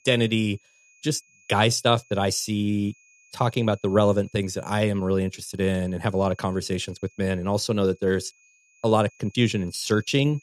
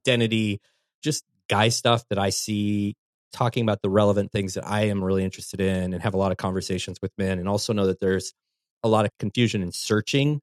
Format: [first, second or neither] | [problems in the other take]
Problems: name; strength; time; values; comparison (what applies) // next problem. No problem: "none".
second | high-pitched whine; faint; throughout; 2.5 kHz, 30 dB below the speech